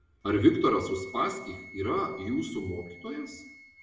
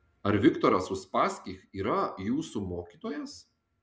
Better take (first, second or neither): second